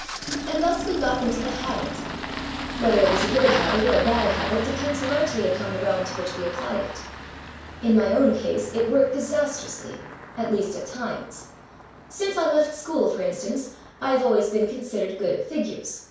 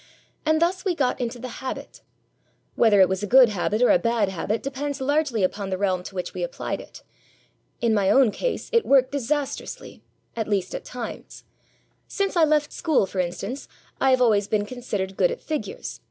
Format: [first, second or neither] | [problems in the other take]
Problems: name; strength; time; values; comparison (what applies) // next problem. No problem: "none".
second | background sound (Engine starting); 8 dB below the speech // room echo; dies away in 0.5 s